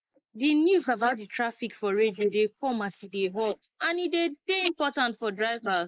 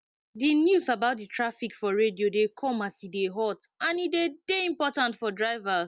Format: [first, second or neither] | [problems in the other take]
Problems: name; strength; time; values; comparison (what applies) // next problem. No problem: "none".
second | noise reduction (neural mask model Resemble Enhance denoiser)